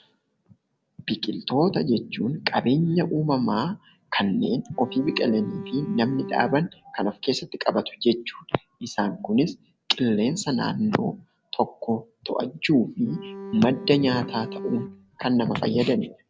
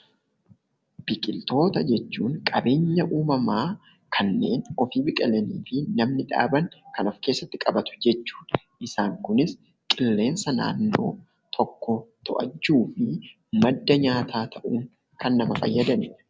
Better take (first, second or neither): second